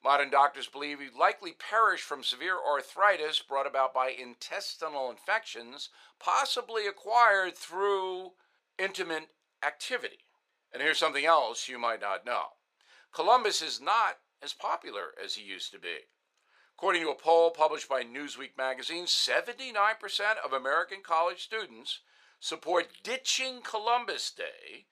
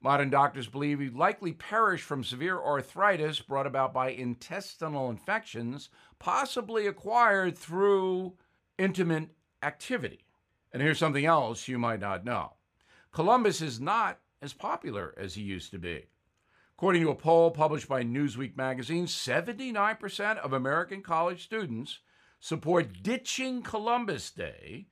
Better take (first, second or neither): second